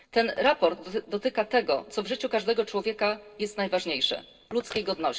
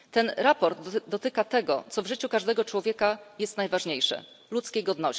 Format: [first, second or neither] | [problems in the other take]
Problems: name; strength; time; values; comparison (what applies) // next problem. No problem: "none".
second | noise reduction (neural separator model SepFormer DNS4)